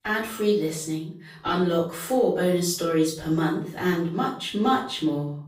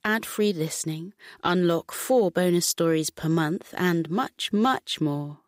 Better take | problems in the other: second | room echo; noticeable; dies away in 0.4 s // off-mic speech; far

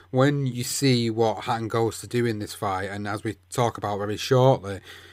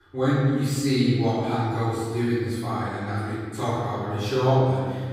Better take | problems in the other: first | off-mic speech; far // room echo; strong; dies away in 2 s

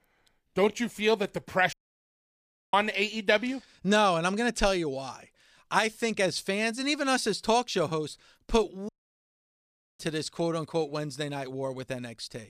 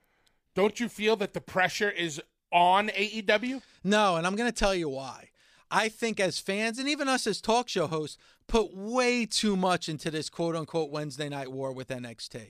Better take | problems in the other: second | audio cutting out; at 1.5 s for 1 s and at 9 s for 1 s

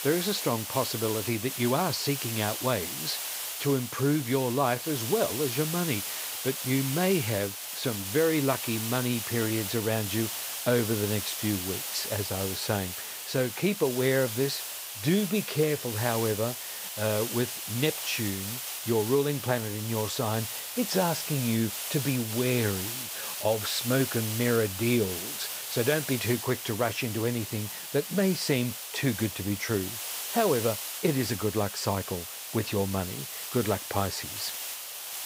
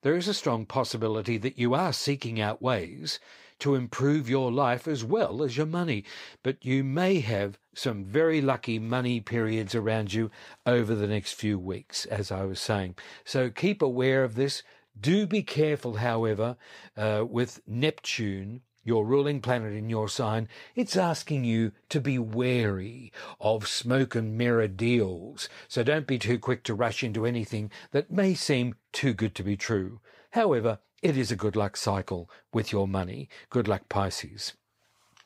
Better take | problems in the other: second | hiss; loud; throughout; 4 dB below the speech

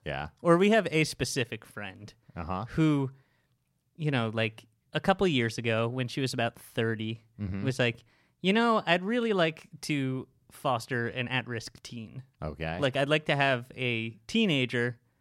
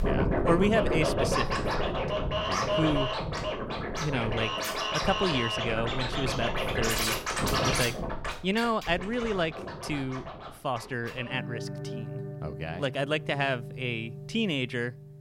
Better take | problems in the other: first | background music; very loud; throughout; as loud as the speech

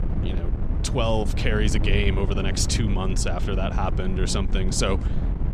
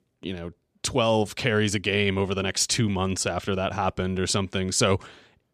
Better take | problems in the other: second | wind noise on the microphone; occasional gusts; 10 dB below the speech

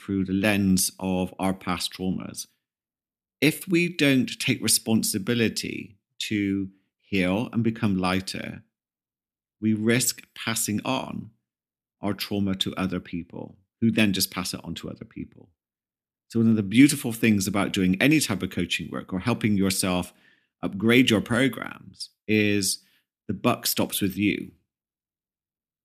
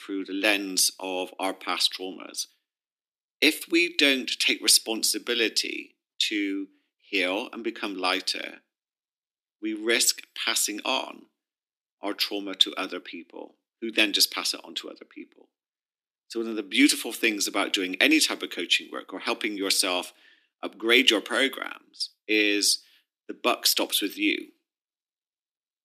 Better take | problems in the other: first | thin; somewhat; fading below 300 Hz

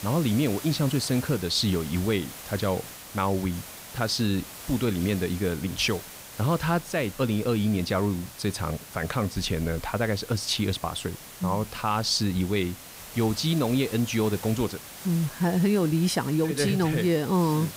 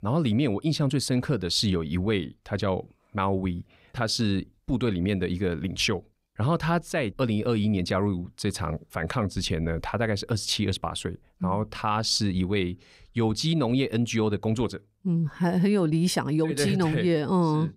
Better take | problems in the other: second | hiss; noticeable; throughout; 15 dB below the speech

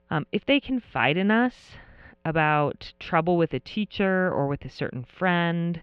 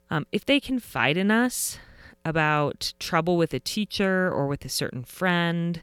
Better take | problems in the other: second | muffled; very; fading above 3 kHz

